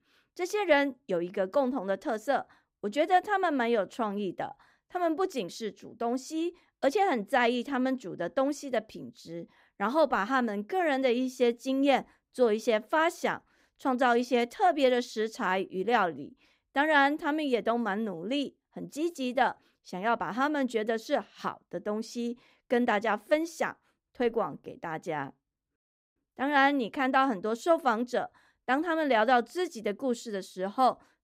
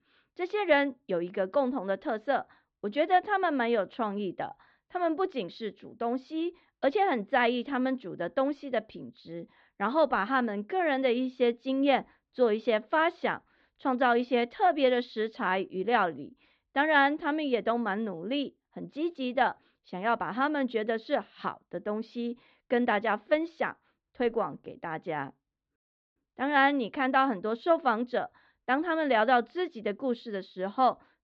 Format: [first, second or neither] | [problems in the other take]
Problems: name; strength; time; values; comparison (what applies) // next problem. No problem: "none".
first | muffled; slightly; fading above 4 kHz